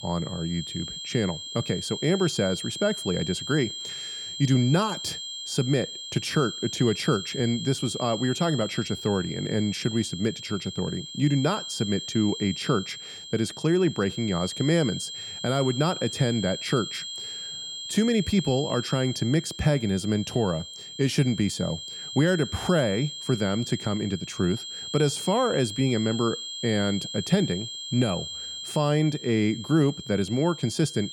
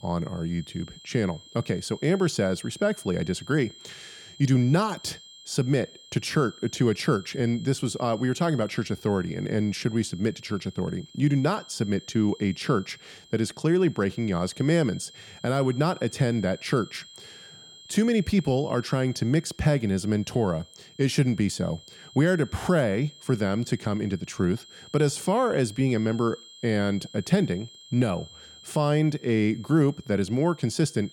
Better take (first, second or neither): second